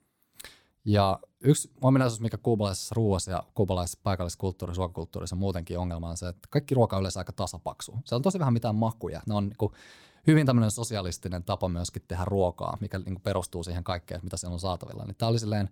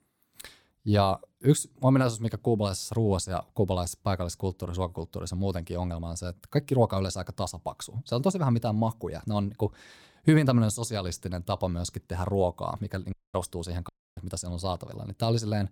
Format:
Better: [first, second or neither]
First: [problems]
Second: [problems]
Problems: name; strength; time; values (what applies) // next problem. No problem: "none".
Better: first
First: none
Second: audio cutting out; at 13 s and at 14 s